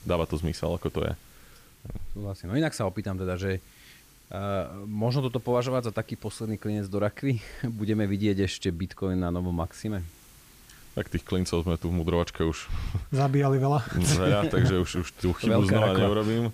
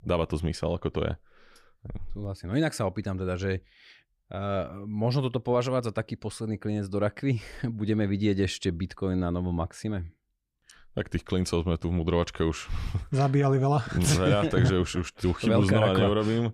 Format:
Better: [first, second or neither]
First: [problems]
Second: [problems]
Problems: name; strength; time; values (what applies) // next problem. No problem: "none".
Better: second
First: hiss; faint; throughout; 25 dB below the speech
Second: none